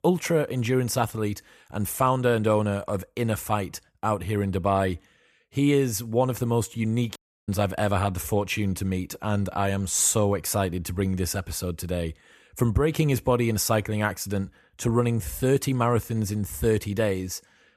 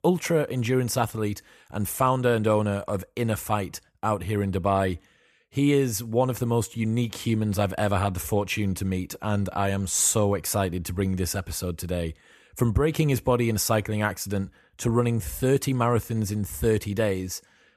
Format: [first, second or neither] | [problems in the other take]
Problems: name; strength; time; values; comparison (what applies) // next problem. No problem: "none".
second | audio cutting out; at 7 s